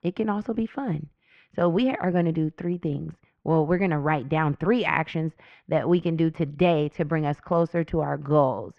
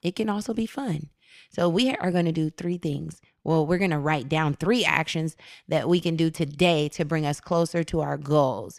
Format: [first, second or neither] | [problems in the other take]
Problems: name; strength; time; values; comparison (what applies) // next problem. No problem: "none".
second | muffled; very; fading above 1.5 kHz